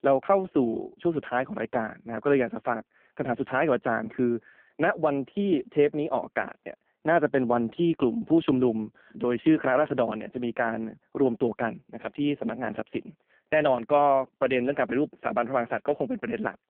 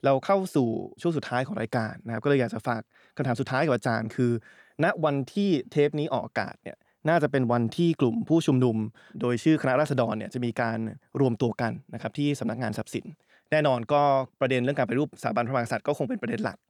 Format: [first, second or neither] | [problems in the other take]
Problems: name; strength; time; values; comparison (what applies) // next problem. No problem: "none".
second | phone-call audio; poor line